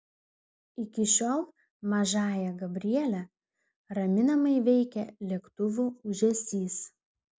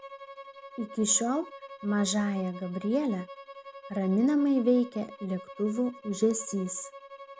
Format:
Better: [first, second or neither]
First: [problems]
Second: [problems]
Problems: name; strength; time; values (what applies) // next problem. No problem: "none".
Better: first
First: none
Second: background sound (Bowed string instrument); 16 dB below the speech